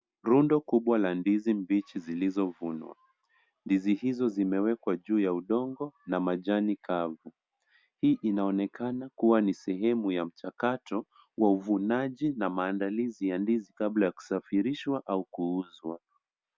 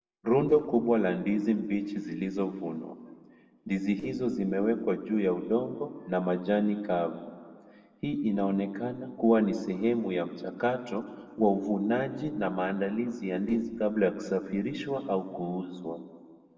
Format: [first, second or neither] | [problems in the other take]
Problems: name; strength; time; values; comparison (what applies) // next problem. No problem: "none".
first | noise reduction (neural separator model SepFormer DNS4)